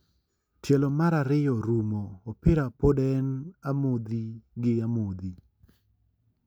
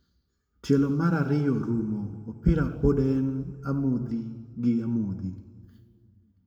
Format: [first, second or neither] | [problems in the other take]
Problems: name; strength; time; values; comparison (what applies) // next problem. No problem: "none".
first | room echo; dies away in 1.7 s